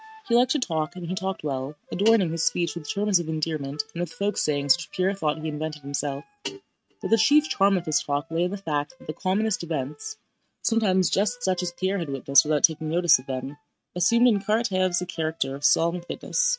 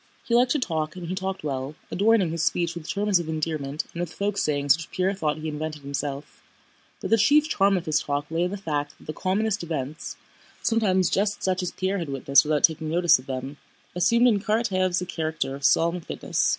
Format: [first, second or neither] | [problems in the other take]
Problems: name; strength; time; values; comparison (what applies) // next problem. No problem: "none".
second | noise reduction (neural mask model RNNoise)